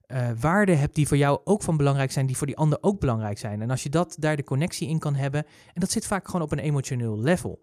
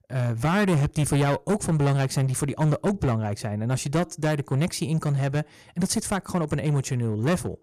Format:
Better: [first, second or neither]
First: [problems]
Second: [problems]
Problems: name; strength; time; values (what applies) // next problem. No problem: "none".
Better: first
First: none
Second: distortion; slight; 11% of the sound clipped